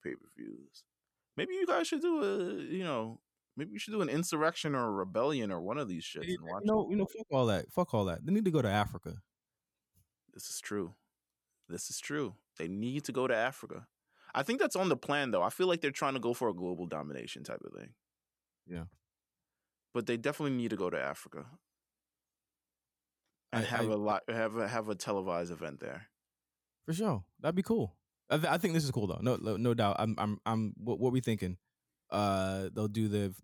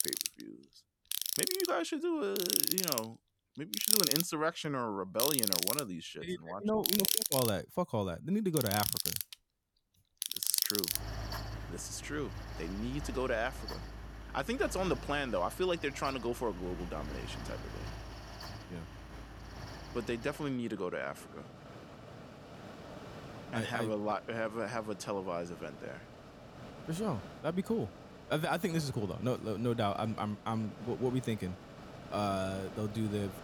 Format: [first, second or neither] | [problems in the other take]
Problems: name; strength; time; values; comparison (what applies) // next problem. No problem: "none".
first | machinery noise; very loud; throughout; 1 dB above the speech